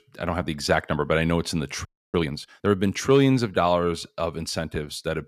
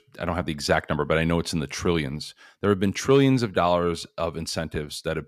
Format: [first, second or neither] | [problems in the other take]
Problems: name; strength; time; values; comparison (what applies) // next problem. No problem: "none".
second | audio freezing; at 2 s